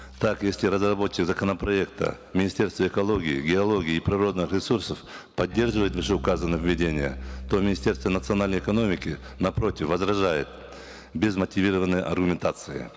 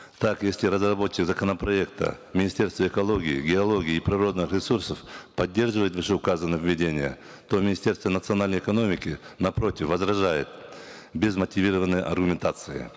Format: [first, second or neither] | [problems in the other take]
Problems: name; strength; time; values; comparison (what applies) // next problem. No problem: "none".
second | background sound (Bass guitar); 16 dB below the speech